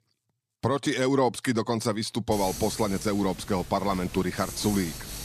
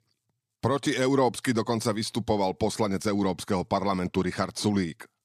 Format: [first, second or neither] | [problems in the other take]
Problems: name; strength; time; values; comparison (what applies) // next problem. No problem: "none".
second | hiss; noticeable; from 2.5 s on; 10 dB below the speech